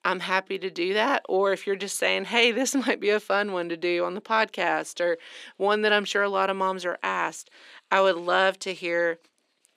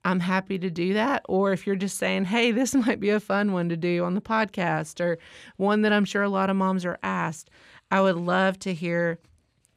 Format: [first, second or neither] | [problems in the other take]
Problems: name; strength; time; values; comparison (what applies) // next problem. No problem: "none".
second | thin; somewhat; fading below 300 Hz